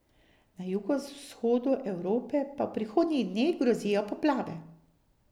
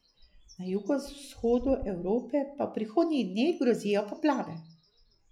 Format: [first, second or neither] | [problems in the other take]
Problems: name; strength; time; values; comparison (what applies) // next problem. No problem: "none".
first | noise reduction (classical method log-MMSE)